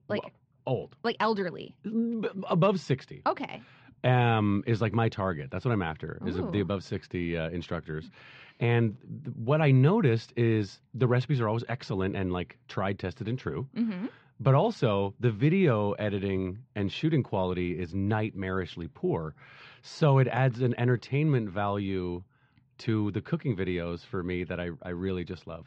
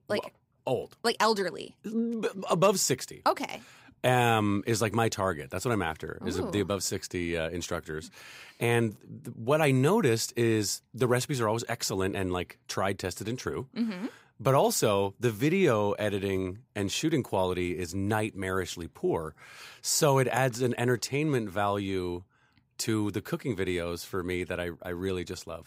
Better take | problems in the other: second | muffled; slightly; fading above 4 kHz

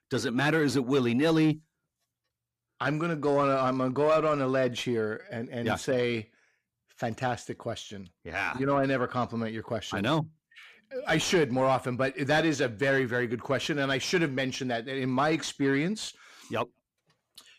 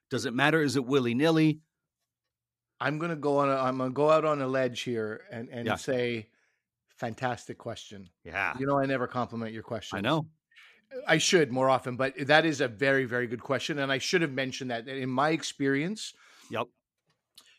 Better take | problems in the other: second | distortion; slight; 10 dB below the speech

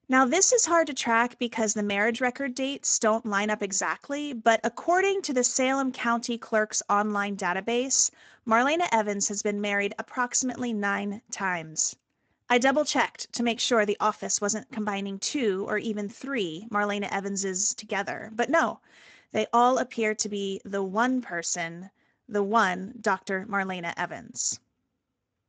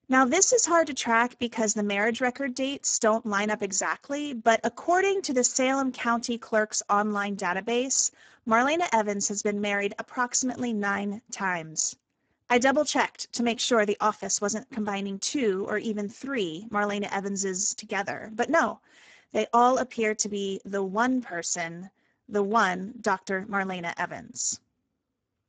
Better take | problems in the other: first | garbled, watery; badly; nothing above 7.5 kHz; slightly in the first

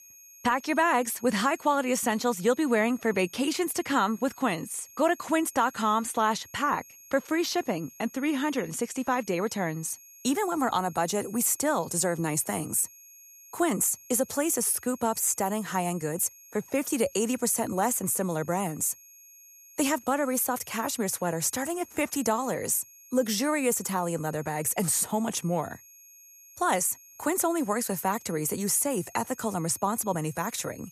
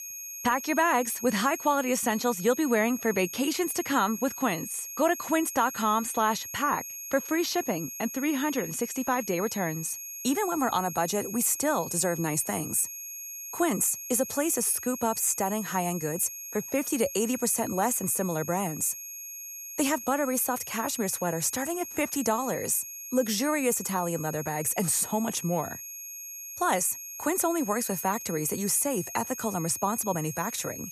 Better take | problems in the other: first | high-pitched whine; loud; throughout; 6.5 kHz, 9 dB below the speech; faint in the first

